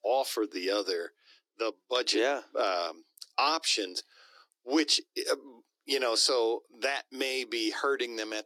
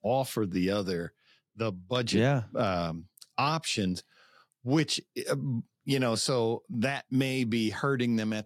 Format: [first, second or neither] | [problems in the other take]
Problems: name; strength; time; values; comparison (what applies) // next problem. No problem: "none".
second | thin; very; fading below 300 Hz